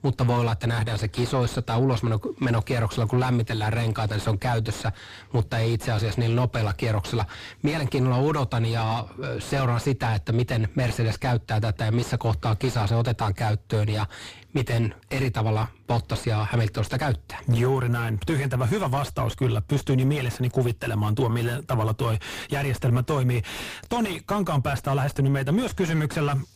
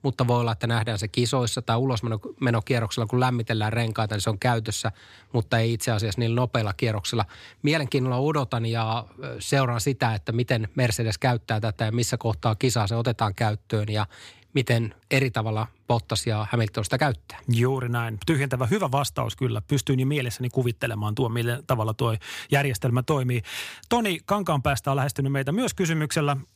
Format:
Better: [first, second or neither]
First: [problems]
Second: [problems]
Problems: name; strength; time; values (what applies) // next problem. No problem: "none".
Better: second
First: distortion; heavy; 5 dB below the speech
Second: none